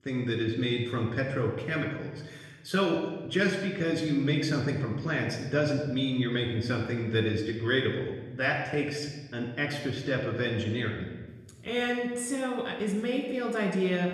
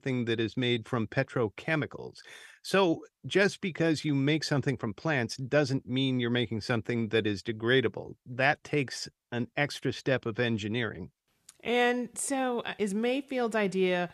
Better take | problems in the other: second | room echo; noticeable; dies away in 1.1 s // off-mic speech; somewhat distant

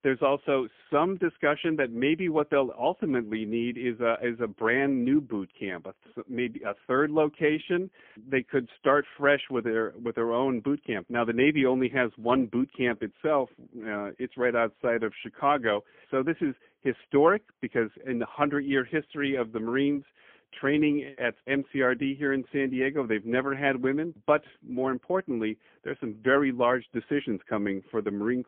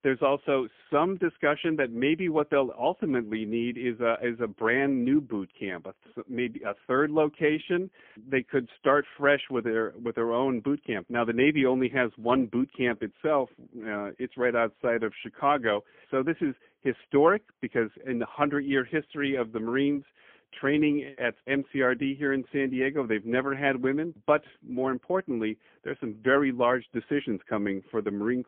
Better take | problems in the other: neither | phone-call audio; poor line; nothing above 3.5 kHz; the same in both

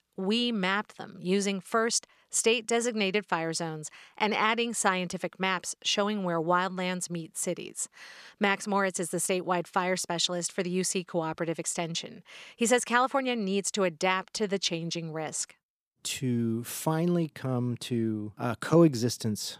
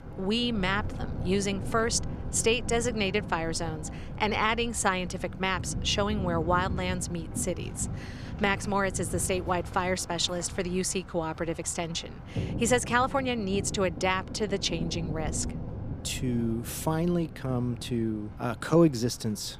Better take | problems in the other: first | rain or running water; loud; throughout; 9 dB below the speech

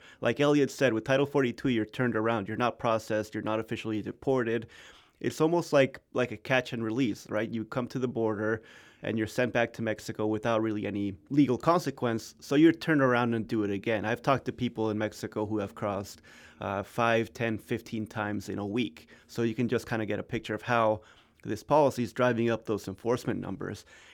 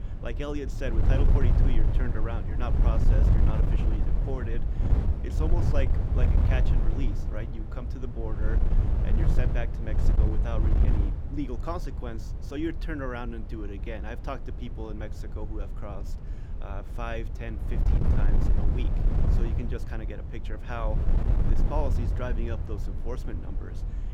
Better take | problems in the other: first | wind noise on the microphone; heavy; 3 dB below the speech

